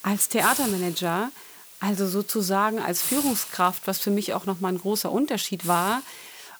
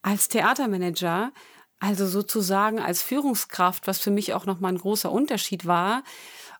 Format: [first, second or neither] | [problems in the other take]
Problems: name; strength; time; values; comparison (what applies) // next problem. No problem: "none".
second | hiss; loud; throughout; 7 dB below the speech